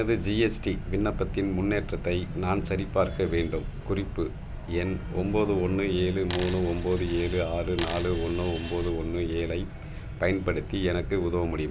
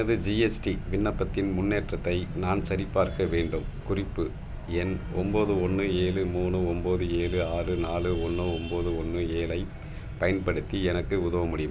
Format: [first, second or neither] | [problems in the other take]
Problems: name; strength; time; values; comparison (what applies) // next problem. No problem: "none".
second | background sound (Coin (dropping)); 14 dB below the speech